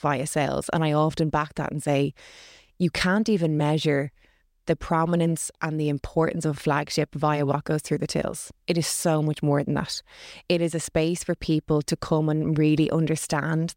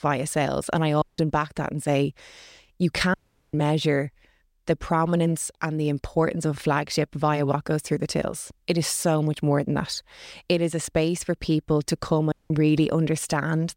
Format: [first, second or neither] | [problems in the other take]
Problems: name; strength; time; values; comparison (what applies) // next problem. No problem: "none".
first | audio cutting out; at 1 s, at 3 s and at 12 s